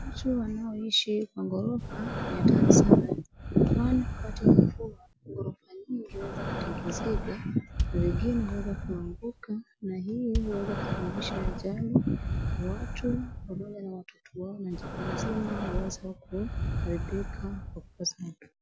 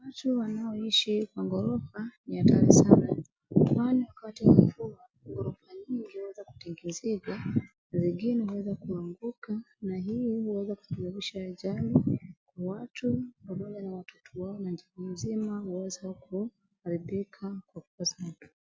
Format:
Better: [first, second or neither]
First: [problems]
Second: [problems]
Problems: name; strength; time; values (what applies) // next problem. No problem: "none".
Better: second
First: background sound (Bass drum + Breathing); 6 dB below the speech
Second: none